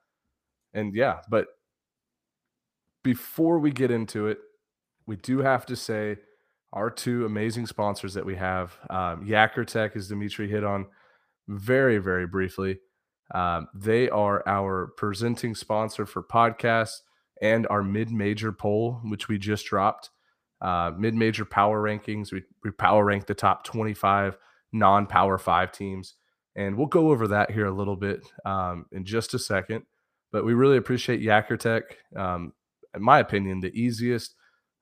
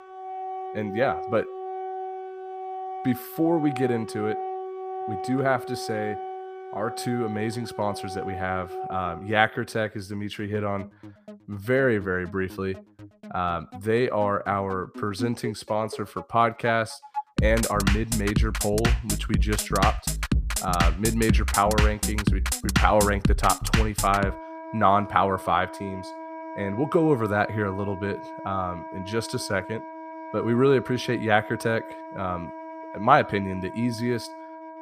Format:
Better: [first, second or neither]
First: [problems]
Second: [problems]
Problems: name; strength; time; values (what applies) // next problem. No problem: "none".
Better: first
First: none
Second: background music; loud; throughout; 5 dB below the speech